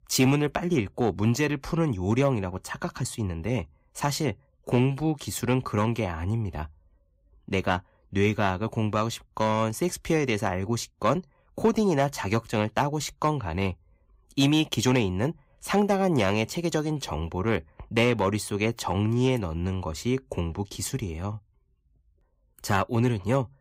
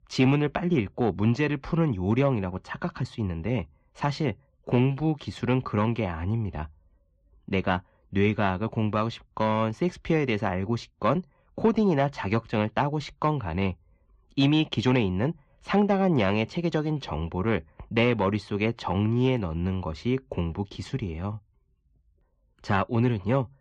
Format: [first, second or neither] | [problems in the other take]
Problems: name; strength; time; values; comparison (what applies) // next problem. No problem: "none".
first | muffled; slightly; fading above 4 kHz